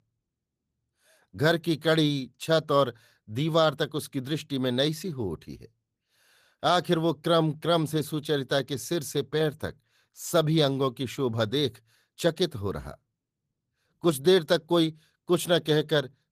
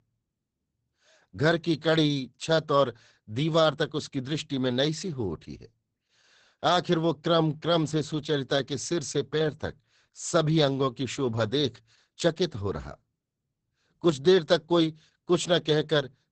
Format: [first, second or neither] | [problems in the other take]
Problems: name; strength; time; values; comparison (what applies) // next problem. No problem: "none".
first | garbled, watery; badly; nothing above 8 kHz; slightly in the first